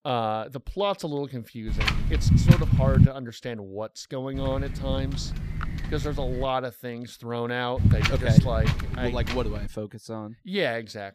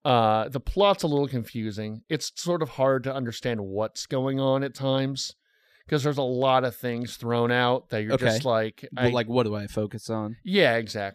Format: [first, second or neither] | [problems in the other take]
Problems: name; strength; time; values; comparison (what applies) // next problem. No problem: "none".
second | wind noise on the microphone; heavy; from 1.5 to 3 s, from 4.5 to 6.5 s and from 8 to 9.5 s; 1 dB below the speech